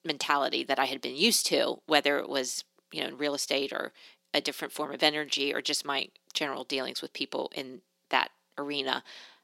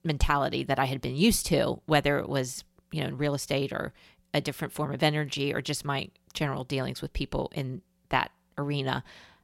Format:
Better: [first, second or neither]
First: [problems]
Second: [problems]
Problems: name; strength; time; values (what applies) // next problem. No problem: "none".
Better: second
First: thin; somewhat; fading below 250 Hz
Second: none